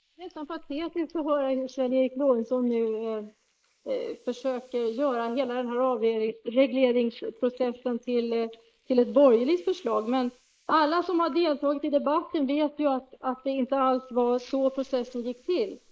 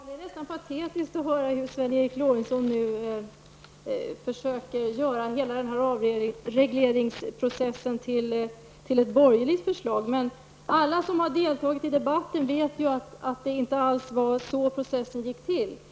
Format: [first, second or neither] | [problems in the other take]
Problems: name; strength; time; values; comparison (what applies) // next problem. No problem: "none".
second | noise reduction (neural mask model Resemble Enhance denoiser)